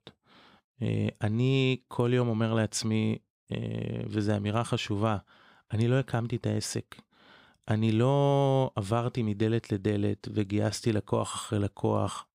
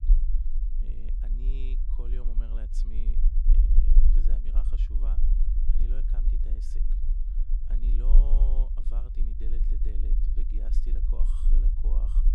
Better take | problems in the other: first | low rumble; loud; throughout; 1 dB below the speech

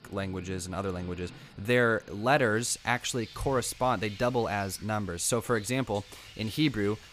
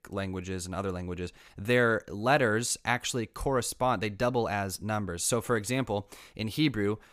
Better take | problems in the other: second | rain or running water; noticeable; throughout; 20 dB below the speech

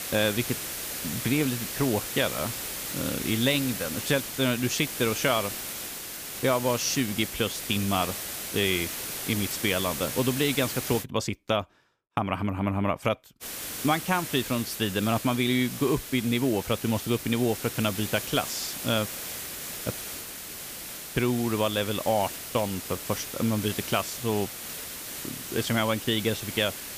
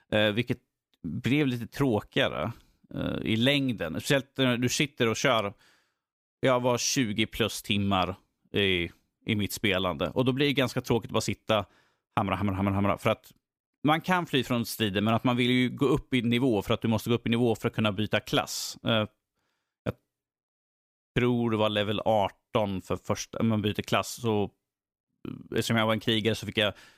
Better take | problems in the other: second | hiss; loud; until 11 s and from 13 s on; 6 dB below the speech

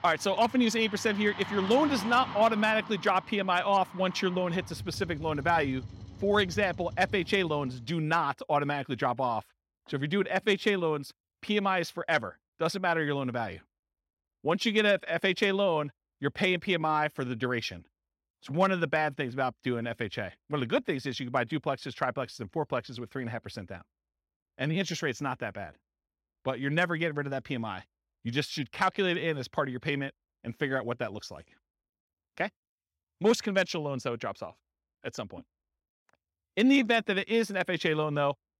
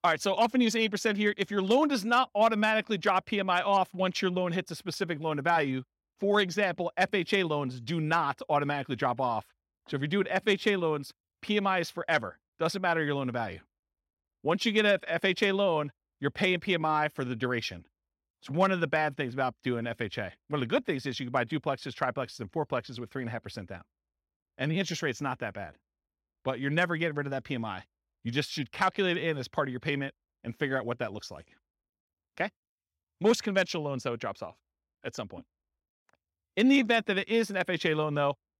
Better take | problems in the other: second | traffic noise; noticeable; until 8 s; 15 dB below the speech

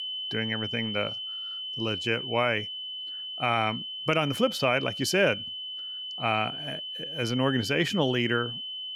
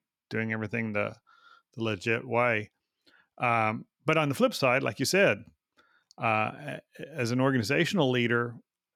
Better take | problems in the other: second | high-pitched whine; loud; throughout; 3 kHz, 6 dB below the speech

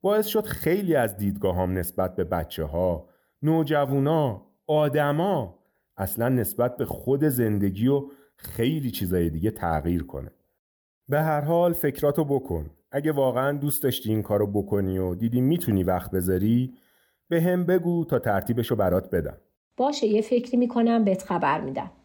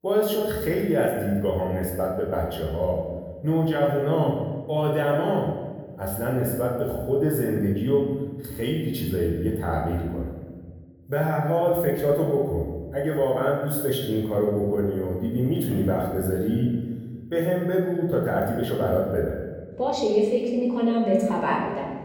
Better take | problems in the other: first | off-mic speech; far // room echo; noticeable; dies away in 1.2 s

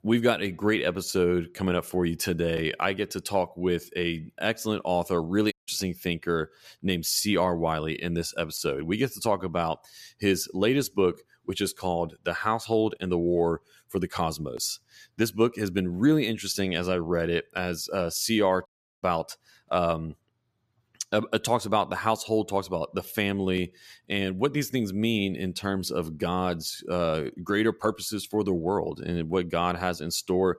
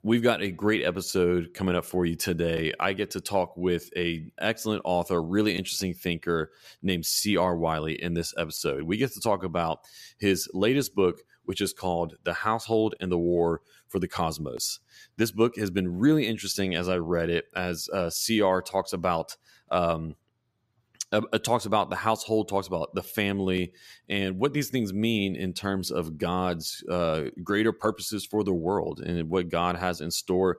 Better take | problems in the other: second | audio cutting out; at 5.5 s and at 19 s

